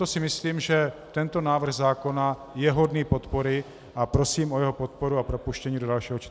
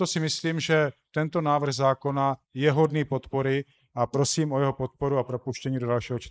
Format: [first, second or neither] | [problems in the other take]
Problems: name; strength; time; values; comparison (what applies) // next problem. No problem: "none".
first | noise reduction (neural mask model Resemble Enhance denoiser)